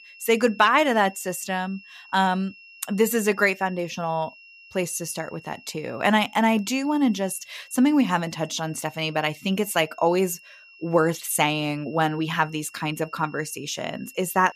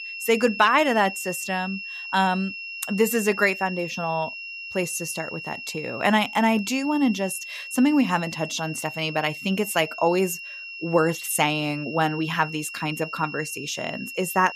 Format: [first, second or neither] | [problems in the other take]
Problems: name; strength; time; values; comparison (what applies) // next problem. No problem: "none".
first | high-pitched whine; loud; throughout; 2.5 kHz, 10 dB below the speech; faint in the first